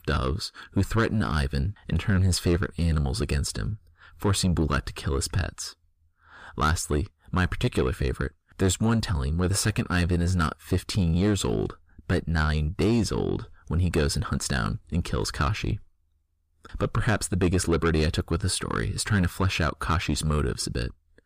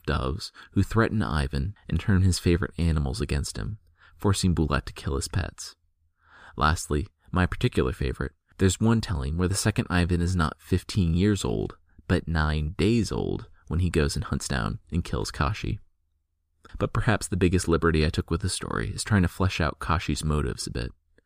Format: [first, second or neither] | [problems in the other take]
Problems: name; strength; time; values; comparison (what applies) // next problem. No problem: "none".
second | distortion; slight; 10 dB below the speech